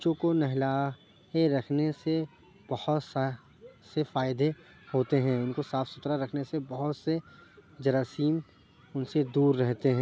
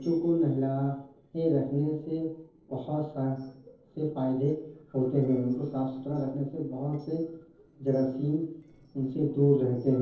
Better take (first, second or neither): first